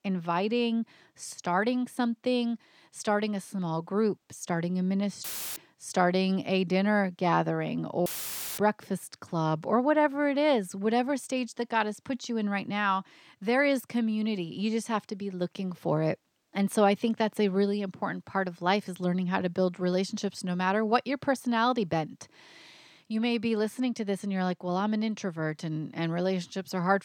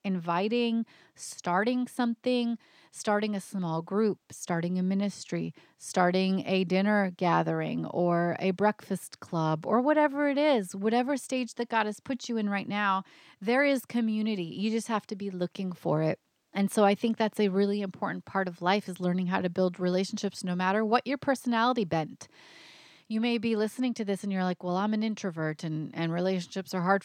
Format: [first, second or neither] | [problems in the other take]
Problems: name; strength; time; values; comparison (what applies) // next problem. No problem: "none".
second | audio cutting out; filled with static; at 5 s and at 8 s for 0.5 s